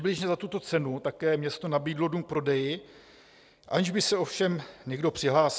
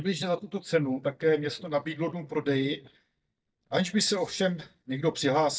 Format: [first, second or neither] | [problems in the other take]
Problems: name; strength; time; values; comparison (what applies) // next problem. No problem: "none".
first | noise reduction (neural mask model DeepFilterNet 3)